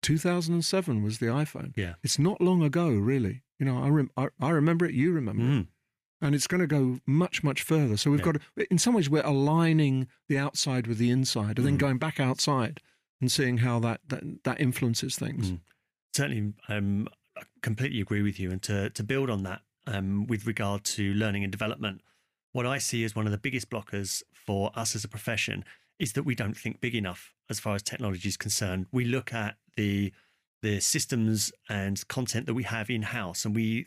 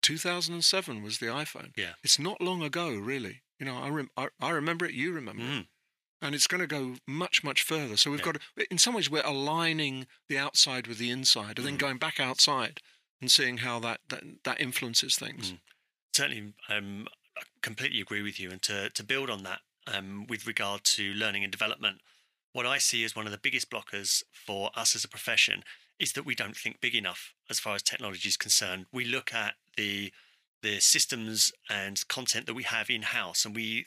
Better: first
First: none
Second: thin; somewhat; fading below 1 kHz

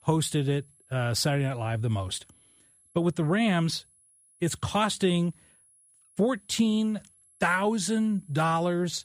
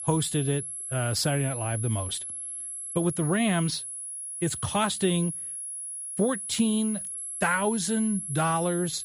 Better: first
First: high-pitched whine; faint; throughout; 10.5 kHz, 30 dB below the speech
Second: high-pitched whine; loud; throughout; 10.5 kHz, 5 dB below the speech

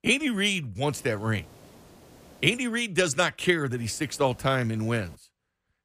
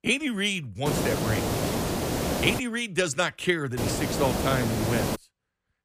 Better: first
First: hiss; faint; from 1 to 2.5 s and from 4 to 5 s; 25 dB below the speech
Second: hiss; loud; from 1 to 2.5 s and from 4 to 5 s; 1 dB below the speech

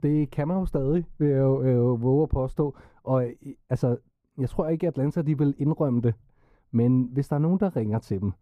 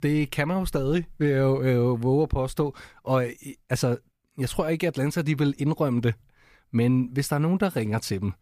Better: second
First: muffled; very; fading above 1 kHz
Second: none

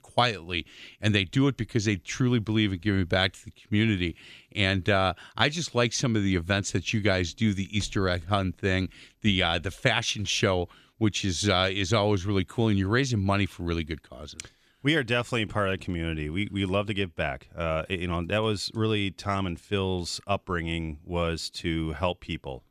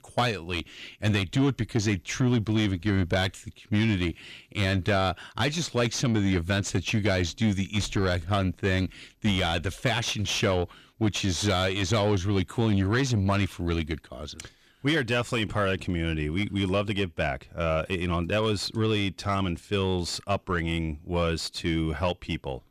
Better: first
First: none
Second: distortion; slight; 10 dB below the speech

